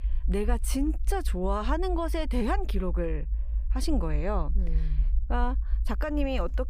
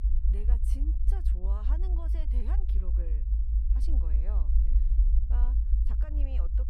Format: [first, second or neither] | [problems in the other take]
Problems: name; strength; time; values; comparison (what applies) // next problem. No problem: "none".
first | low rumble; loud; throughout; as loud as the speech; faint in the first